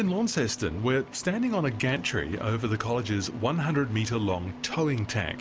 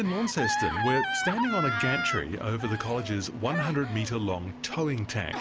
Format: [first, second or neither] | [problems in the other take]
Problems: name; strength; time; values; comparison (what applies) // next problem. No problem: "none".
first | background sound (Gasp); 4 dB below the speech